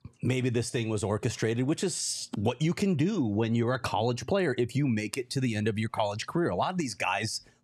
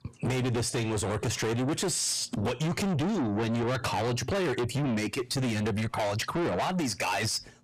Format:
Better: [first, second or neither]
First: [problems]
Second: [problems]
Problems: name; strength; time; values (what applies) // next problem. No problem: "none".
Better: first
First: none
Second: distortion; heavy; 6 dB below the speech